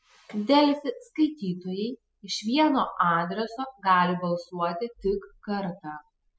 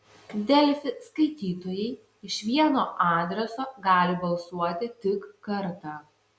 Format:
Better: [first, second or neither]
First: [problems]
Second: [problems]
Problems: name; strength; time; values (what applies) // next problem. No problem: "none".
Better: second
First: noise reduction (classical method spectral subtraction)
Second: none